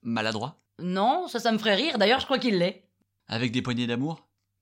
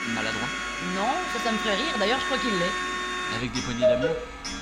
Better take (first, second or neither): first